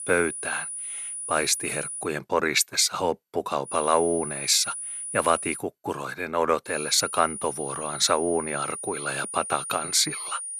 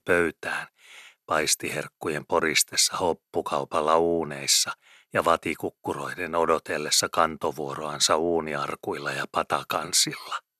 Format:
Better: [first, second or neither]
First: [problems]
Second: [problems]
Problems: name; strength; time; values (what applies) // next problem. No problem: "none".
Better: second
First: high-pitched whine; loud; until 2 s, from 3.5 to 5.5 s and from 6.5 s on; 9.5 kHz, 7 dB below the speech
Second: none